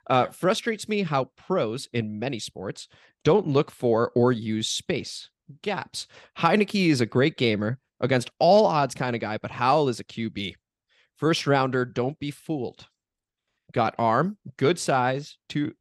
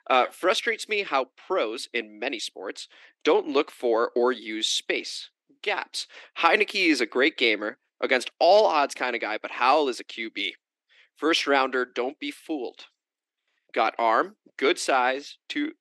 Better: first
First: none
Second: thin; somewhat; fading below 300 Hz

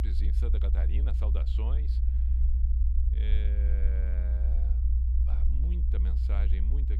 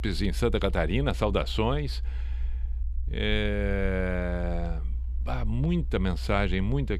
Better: second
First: low rumble; loud; throughout; 1 dB below the speech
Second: low rumble; faint; throughout; 25 dB below the speech

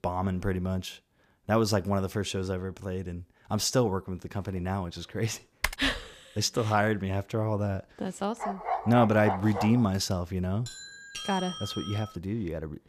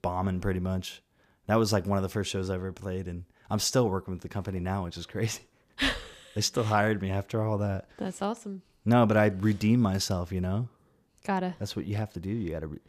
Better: second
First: keyboard typing; noticeable; at 5.5 s; peak 3 dB below the speech // dog barking; noticeable; from 8.5 to 10 s; peak 2 dB below the speech // doorbell; noticeable; from 11 to 12 s; peak 7 dB below the speech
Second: none

